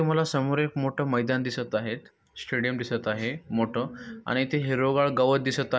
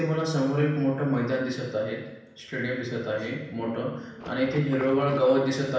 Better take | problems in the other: first | background sound (Water / Splash, splatter); 16 dB below the speech // room echo; dies away in 0.9 s

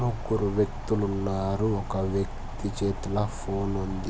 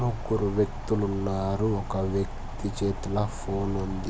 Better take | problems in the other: first | background sound (Printer); 17 dB below the speech

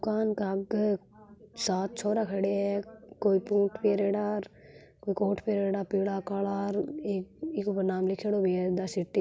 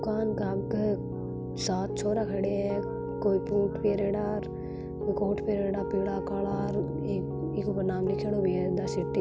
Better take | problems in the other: first | background sound (Piano); 3 dB below the speech

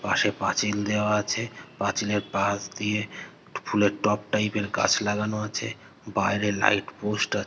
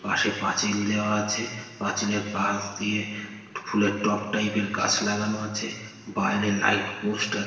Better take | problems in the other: first | room echo; dies away in 1.4 s

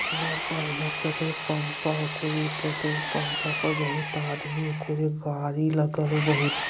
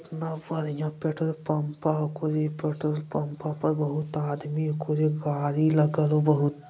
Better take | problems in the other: second | background sound (Engine); 4 dB below the speech

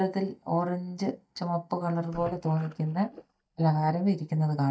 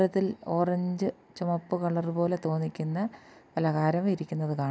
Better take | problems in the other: second | noise reduction (neural mask model DeepFilterNet 3)

